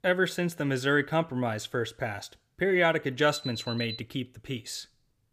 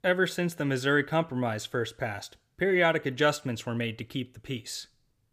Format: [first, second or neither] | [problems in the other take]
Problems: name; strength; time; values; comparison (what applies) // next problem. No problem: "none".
second | alarm; noticeable; at 3.5 s; peak 7 dB below the speech